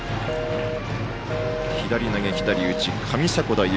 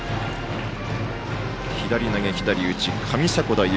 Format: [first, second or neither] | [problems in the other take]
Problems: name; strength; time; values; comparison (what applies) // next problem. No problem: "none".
second | background sound (Telephone); 6 dB below the speech